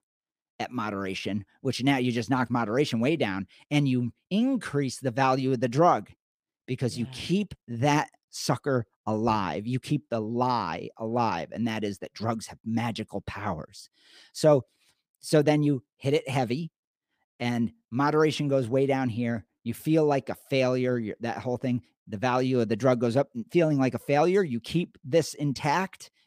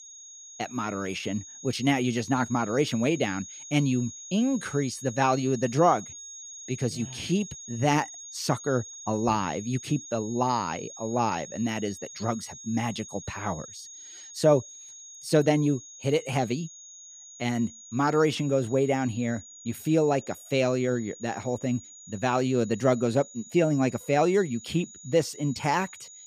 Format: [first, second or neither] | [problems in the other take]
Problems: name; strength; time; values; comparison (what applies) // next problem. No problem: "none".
first | high-pitched whine; noticeable; throughout; 6.5 kHz, 15 dB below the speech